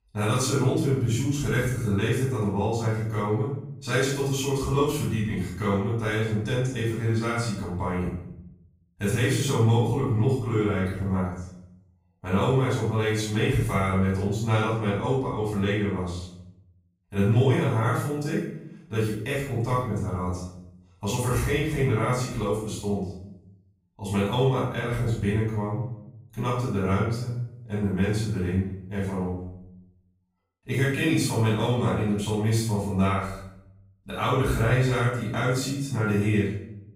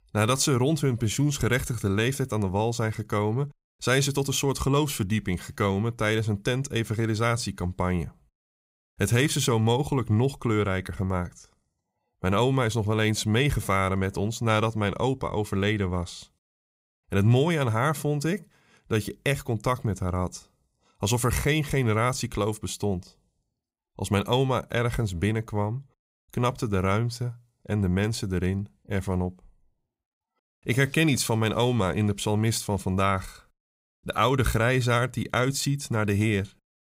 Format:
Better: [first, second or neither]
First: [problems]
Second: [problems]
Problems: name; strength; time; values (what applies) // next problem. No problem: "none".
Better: second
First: off-mic speech; far // room echo; noticeable; dies away in 0.6 s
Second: none